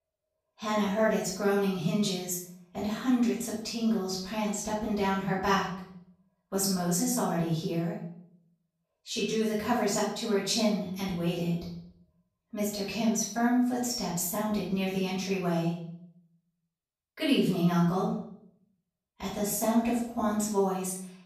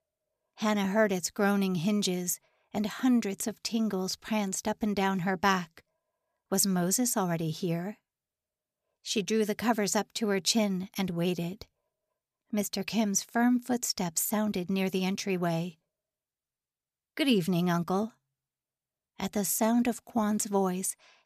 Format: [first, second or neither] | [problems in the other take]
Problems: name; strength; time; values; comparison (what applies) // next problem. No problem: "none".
second | off-mic speech; far // room echo; noticeable; dies away in 0.6 s